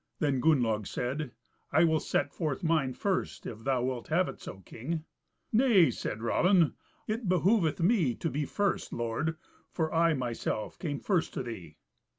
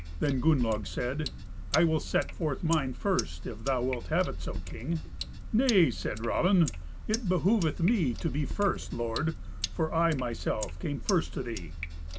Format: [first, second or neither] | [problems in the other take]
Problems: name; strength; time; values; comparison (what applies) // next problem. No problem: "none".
first | background sound (Sink (filling or washing)); 7 dB below the speech